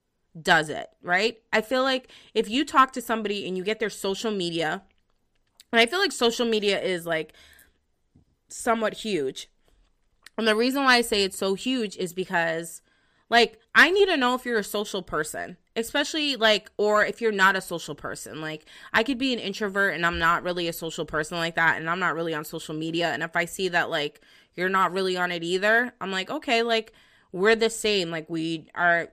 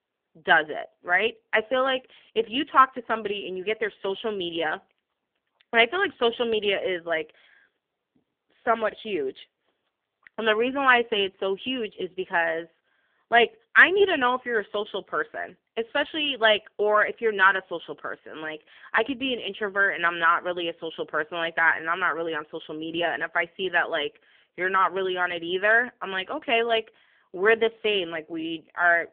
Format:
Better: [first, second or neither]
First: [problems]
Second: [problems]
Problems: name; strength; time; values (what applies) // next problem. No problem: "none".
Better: first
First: none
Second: phone-call audio; poor line; nothing above 3.5 kHz